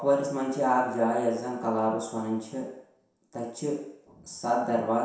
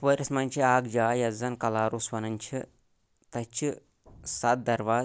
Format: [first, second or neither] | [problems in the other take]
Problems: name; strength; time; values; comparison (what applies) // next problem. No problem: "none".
second | room echo; dies away in 0.7 s